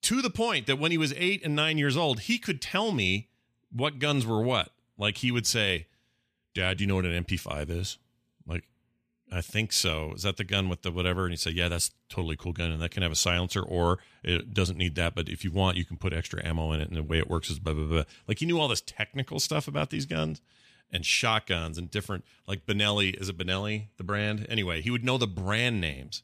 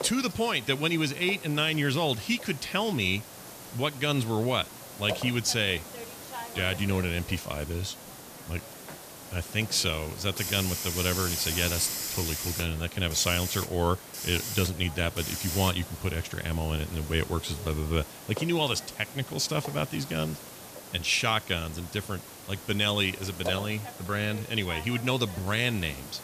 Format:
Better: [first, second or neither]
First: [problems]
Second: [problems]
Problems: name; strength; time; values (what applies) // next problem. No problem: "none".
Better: first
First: none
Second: hiss; loud; throughout; 8 dB below the speech